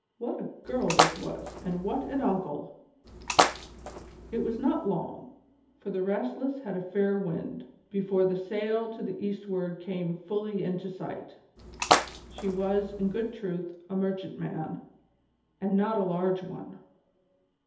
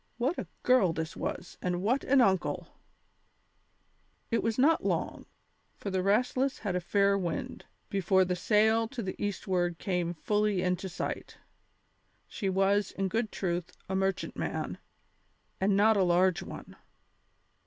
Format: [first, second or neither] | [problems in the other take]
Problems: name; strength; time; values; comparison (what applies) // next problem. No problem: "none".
second | background sound (Splash, splatter); 1 dB above the speech // room echo; dies away in 0.8 s